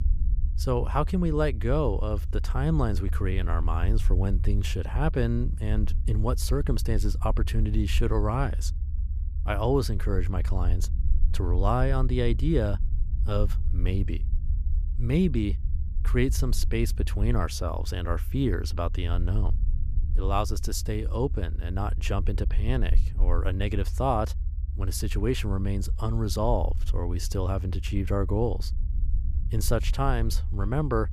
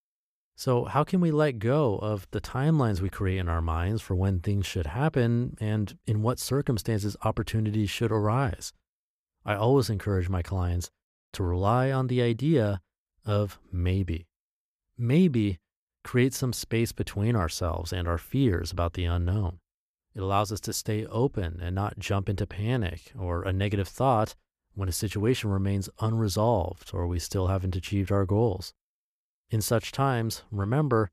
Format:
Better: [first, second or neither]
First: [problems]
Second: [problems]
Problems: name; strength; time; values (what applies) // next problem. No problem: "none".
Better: second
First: low rumble; noticeable; throughout; 20 dB below the speech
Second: none